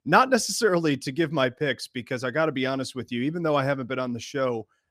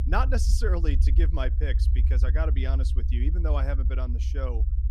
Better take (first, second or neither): first